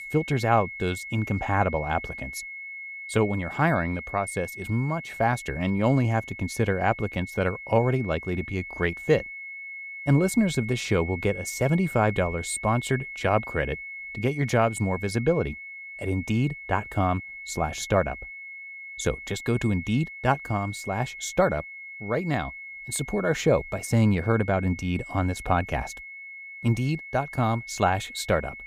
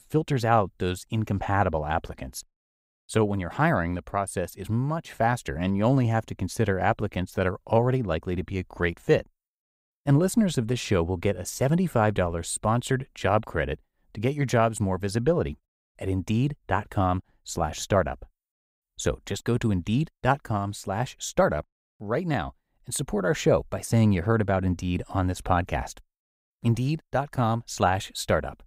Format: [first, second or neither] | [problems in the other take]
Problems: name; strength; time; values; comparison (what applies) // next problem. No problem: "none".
second | high-pitched whine; noticeable; throughout; 2 kHz, 10 dB below the speech